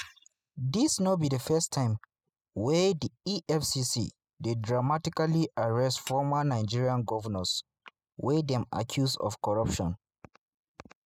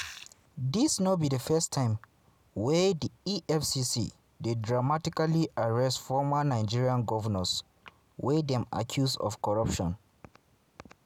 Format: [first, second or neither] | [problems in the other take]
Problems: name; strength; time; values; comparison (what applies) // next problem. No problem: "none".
second | noise reduction (classical method spectral subtraction)